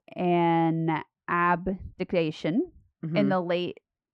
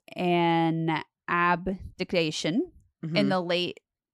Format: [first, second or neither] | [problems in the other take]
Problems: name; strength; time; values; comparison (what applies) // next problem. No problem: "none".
second | muffled; slightly; fading above 3.5 kHz